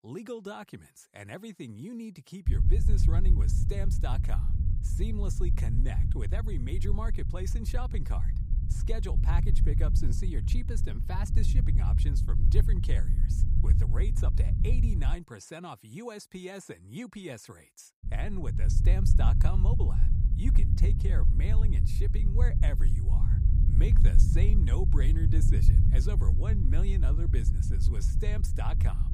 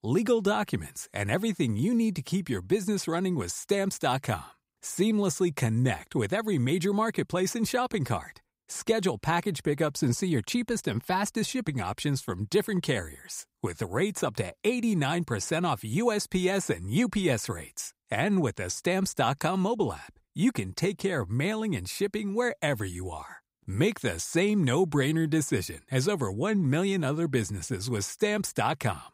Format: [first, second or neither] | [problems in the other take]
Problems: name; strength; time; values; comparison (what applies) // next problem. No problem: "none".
second | low rumble; loud; from 2.5 to 15 s and from 18 s on; 2 dB below the speech